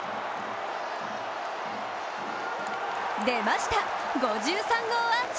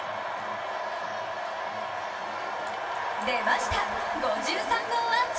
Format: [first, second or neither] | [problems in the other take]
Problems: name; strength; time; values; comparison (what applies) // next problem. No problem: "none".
first | room echo; dies away in 2.6 s